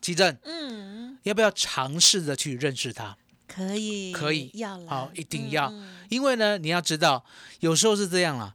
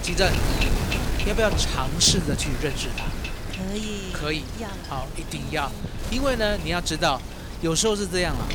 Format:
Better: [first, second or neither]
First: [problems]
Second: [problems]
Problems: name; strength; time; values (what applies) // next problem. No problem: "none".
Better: first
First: none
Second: wind noise on the microphone; heavy; 8 dB below the speech